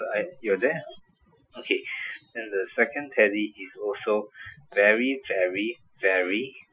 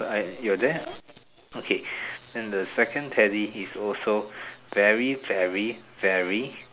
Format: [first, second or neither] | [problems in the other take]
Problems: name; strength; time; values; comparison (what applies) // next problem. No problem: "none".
second | noise reduction (classical method Wiener filter)